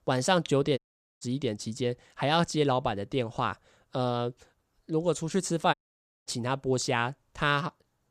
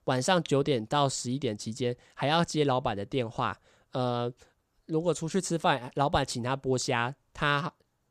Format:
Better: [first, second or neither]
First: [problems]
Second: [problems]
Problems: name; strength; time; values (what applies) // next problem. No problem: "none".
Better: second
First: audio cutting out; at 1 s and at 5.5 s for 0.5 s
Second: none